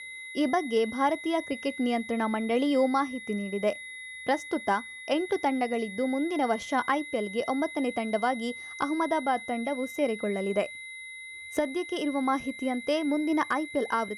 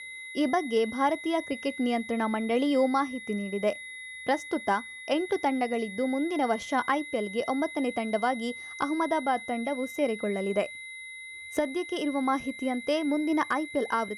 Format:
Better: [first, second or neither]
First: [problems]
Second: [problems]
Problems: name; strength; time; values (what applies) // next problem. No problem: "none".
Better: neither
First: high-pitched whine; noticeable; throughout; 2 kHz, 10 dB below the speech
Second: high-pitched whine; noticeable; throughout; 2 kHz, 10 dB below the speech